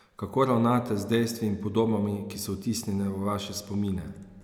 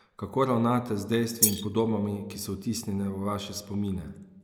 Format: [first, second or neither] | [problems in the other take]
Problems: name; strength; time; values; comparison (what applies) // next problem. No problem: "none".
first | noise reduction (neural mask model Resemble Enhance denoiser)